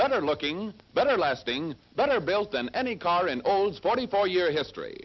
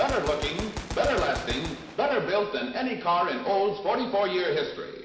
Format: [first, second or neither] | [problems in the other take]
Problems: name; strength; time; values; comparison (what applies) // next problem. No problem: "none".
first | background sound (Gunshot, gunfire); 12 dB below the speech // room echo; dies away in 1 s